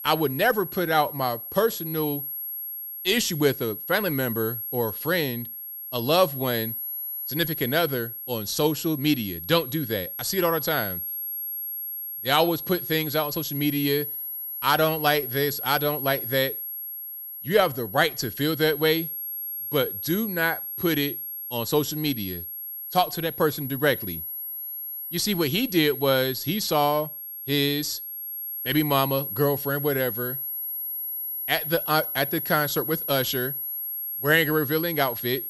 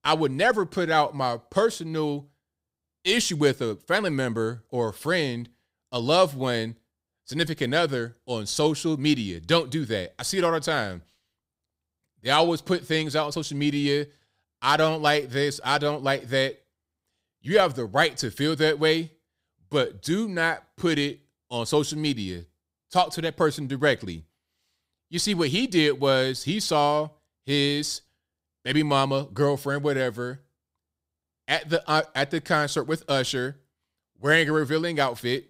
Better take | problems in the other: second | high-pitched whine; loud; throughout; 11.5 kHz, 6 dB below the speech

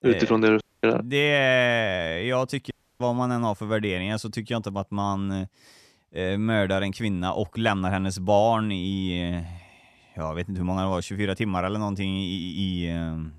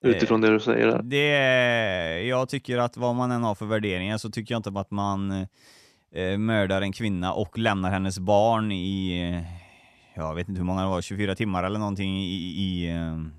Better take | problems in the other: second | audio cutting out; at 0.5 s and at 2.5 s

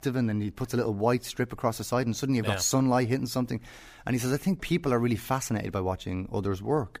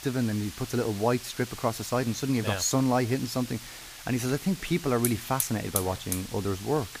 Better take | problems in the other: first | hiss; loud; throughout; 8 dB below the speech

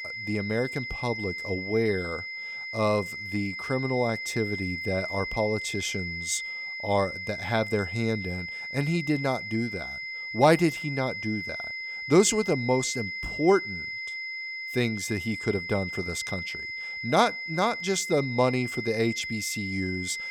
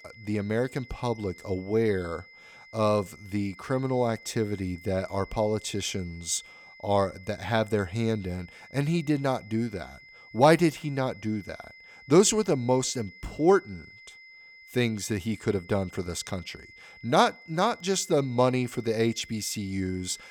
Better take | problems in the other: second | high-pitched whine; loud; throughout; 2 kHz, 5 dB below the speech; faint in the second

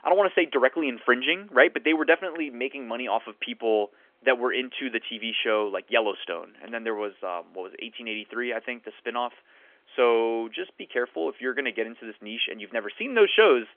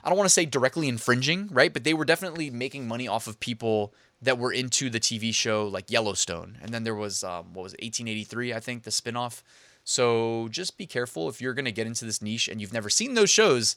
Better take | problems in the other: second | phone-call audio; nothing above 3.5 kHz

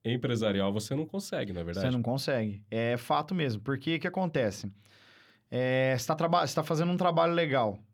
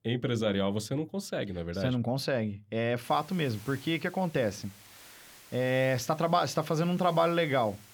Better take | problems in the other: first | hiss; faint; from 3 s on; 20 dB below the speech

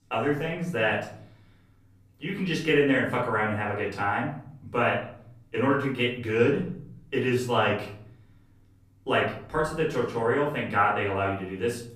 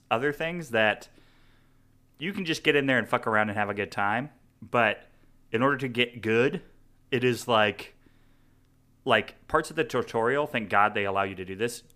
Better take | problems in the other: second | off-mic speech; far // room echo; noticeable; dies away in 0.8 s

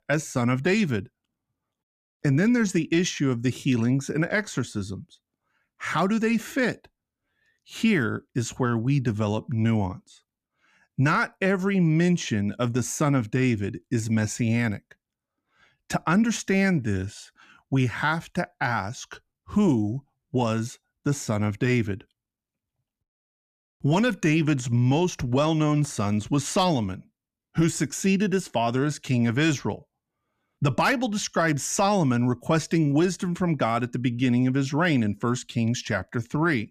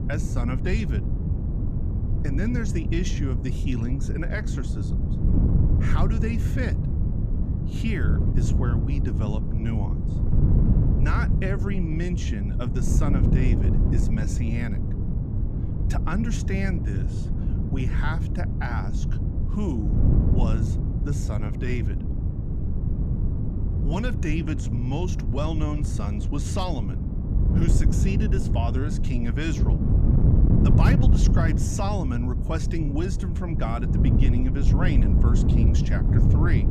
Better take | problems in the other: first | wind noise on the microphone; heavy; 2 dB below the speech

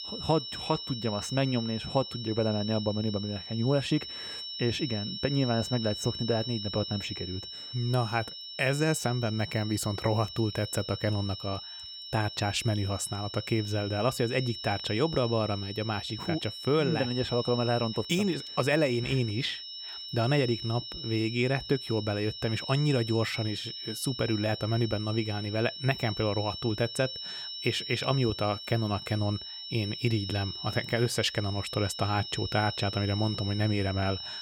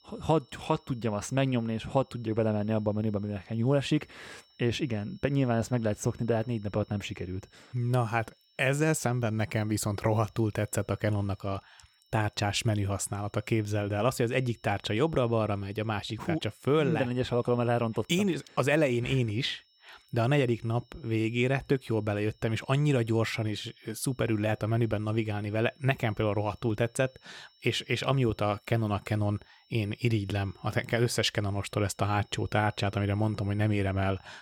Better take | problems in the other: second | high-pitched whine; loud; throughout; 5.5 kHz, 7 dB below the speech; faint in the second

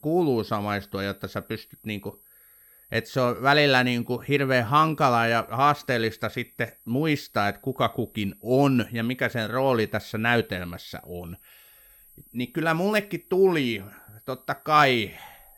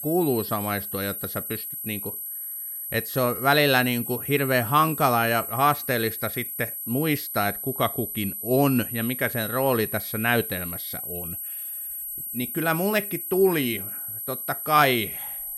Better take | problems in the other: first | high-pitched whine; loud; throughout; 11.5 kHz, 6 dB below the speech; faint in the first

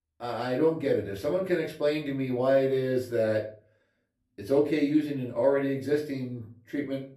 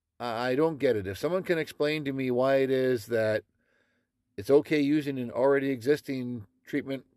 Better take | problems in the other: second | room echo; slight; dies away in 0.3 s // off-mic speech; far

